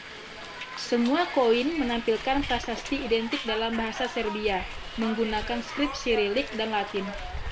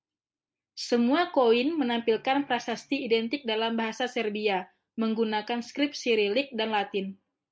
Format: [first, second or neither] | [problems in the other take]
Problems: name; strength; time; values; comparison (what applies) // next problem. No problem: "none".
second | background sound (Hiss); 8 dB below the speech